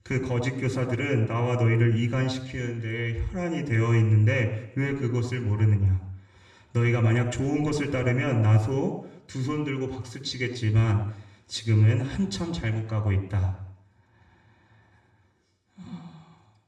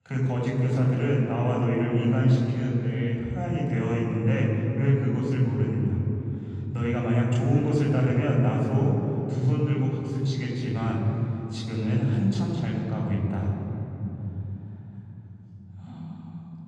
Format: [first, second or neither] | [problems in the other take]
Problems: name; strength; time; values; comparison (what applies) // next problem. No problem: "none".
first | room echo; strong; dies away in 3 s; slight in the first // off-mic speech; far; somewhat distant in the first